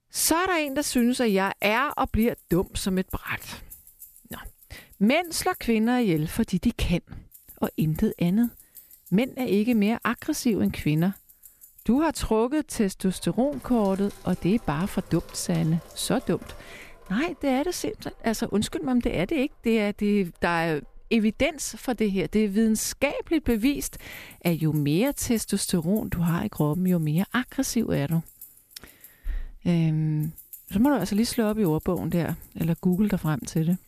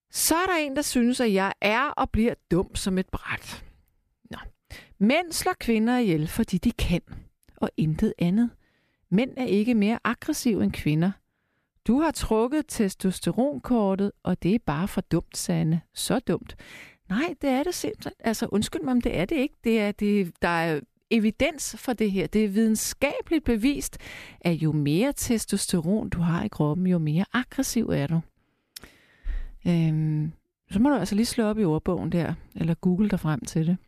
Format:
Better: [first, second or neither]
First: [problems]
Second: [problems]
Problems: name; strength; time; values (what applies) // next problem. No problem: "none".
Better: second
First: household noises; faint; throughout; 20 dB below the speech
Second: none